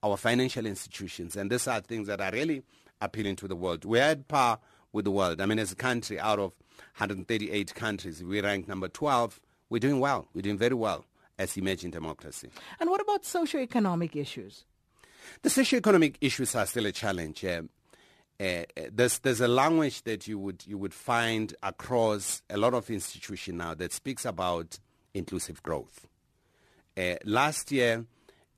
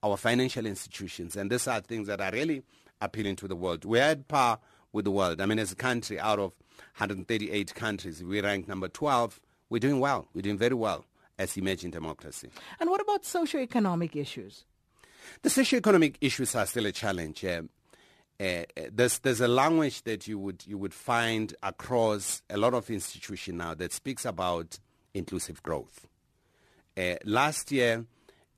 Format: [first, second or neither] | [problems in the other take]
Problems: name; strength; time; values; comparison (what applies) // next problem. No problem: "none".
neither | none